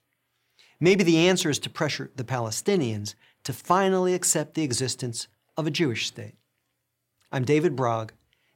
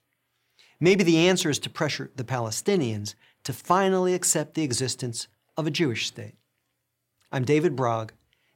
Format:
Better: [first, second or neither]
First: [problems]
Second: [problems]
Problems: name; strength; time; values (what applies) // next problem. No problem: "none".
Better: neither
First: none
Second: none